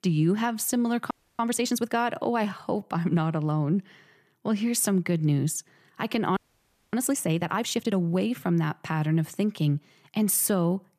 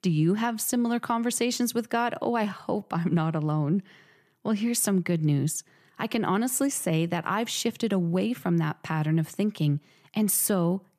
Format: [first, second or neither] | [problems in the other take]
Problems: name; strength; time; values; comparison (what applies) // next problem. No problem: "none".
second | audio freezing; at 1 s and at 6.5 s for 0.5 s